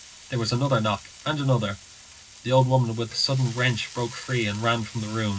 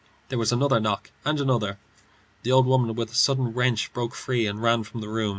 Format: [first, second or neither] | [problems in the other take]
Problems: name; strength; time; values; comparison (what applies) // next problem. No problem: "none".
second | background sound (Frying (food)); 19 dB below the speech // room echo; dies away in 0.4 s